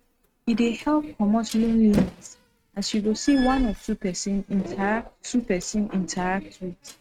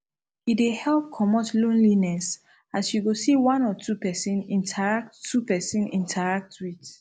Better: second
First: noise reduction (neural mask model RNNoise)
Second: none

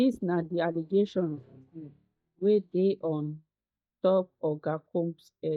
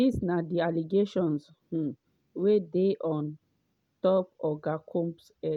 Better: second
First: noise reduction (neural mask model DeepFilterNet 3)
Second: none

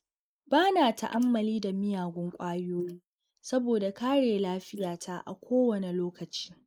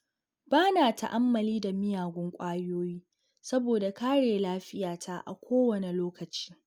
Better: second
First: noise reduction (neural mask model Resemble Enhance denoiser)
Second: none

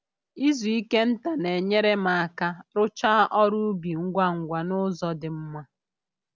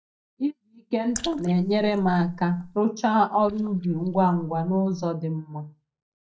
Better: first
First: none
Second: noise reduction (neural mask model DeepFilterNet 3)

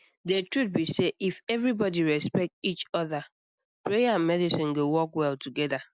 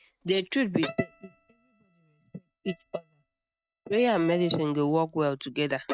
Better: first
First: none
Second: noise reduction (neural mask model RNNoise)

